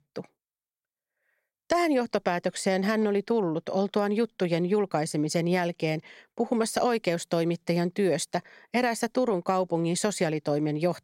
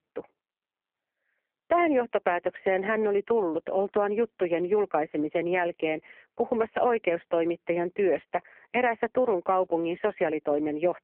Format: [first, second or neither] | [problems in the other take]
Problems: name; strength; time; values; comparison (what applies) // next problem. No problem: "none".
first | phone-call audio; poor line